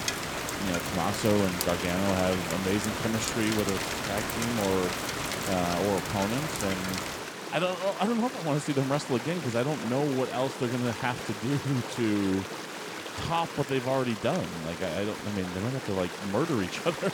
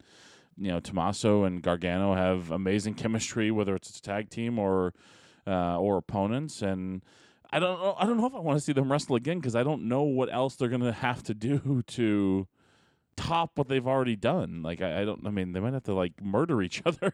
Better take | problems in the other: second | rain or running water; loud; throughout; 4 dB below the speech

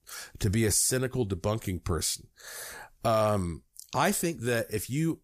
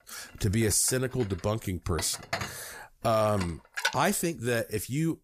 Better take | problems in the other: first | clattering dishes; noticeable; from 1 to 4 s; peak 3 dB below the speech

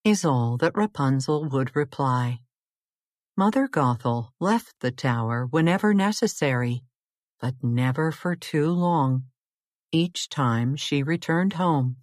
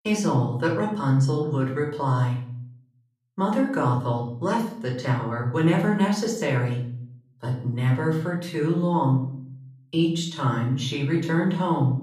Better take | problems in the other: first | off-mic speech; far // room echo; slight; dies away in 0.6 s

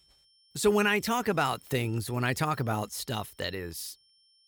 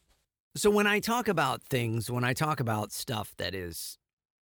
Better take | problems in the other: second | high-pitched whine; faint; throughout; 5.5 kHz, 35 dB below the speech

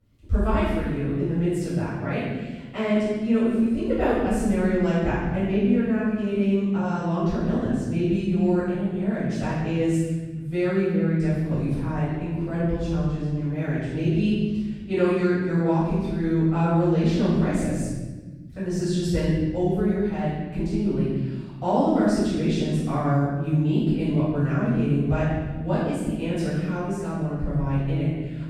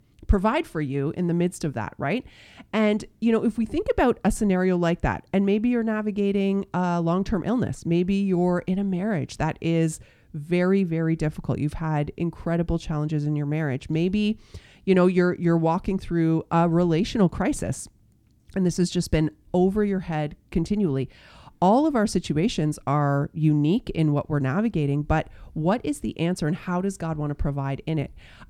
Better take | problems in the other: second | room echo; strong; dies away in 1.3 s // off-mic speech; far

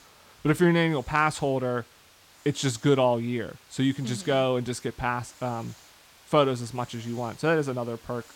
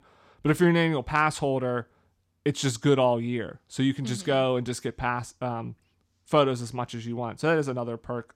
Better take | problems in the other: second | hiss; faint; throughout; 25 dB below the speech

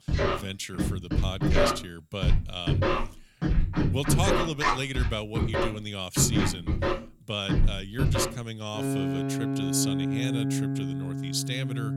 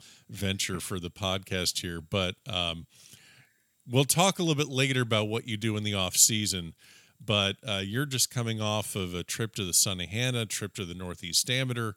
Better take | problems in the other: second | background music; very loud; throughout; 4 dB above the speech

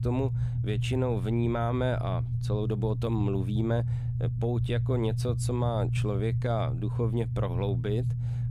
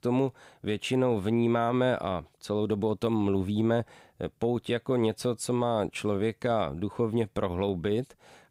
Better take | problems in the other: second | low rumble; loud; throughout; 9 dB below the speech

